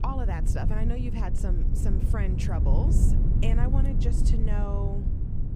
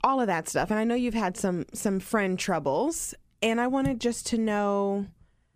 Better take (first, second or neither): second